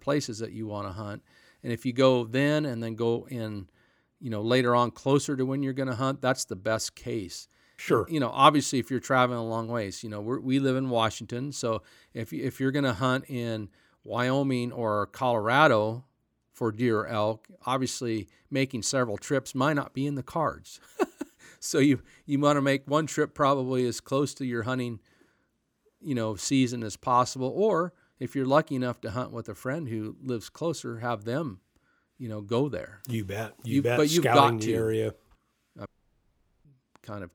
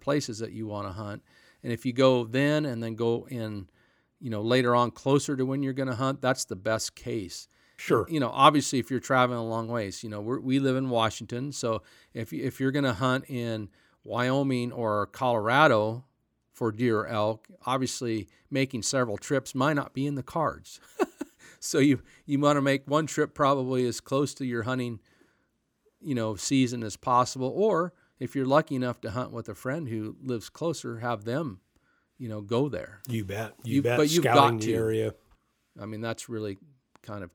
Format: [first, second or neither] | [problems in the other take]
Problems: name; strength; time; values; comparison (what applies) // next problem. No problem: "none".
second | audio cutting out; at 36 s for 1 s